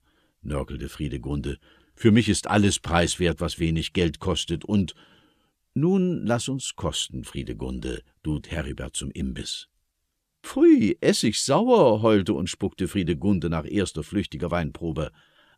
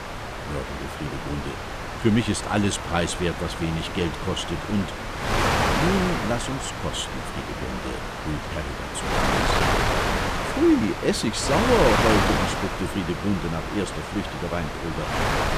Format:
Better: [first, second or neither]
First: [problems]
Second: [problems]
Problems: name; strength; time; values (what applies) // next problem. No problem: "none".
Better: first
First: none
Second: wind noise on the microphone; heavy; 2 dB above the speech